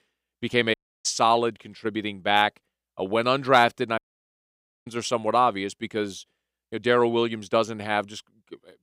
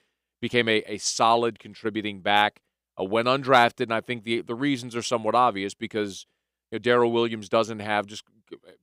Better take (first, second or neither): second